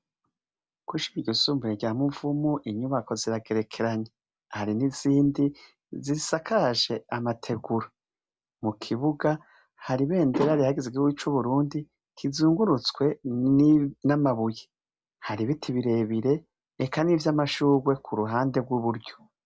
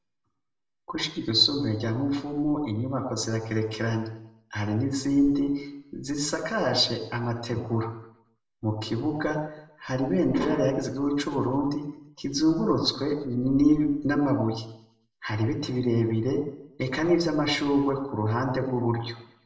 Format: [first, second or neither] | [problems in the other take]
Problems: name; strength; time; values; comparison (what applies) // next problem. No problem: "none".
first | room echo; dies away in 0.7 s